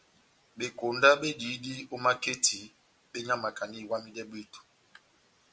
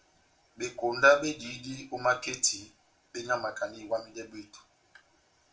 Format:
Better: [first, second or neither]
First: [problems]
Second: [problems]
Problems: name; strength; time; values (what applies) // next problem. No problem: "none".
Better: first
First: none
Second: room echo; dies away in 0.2 s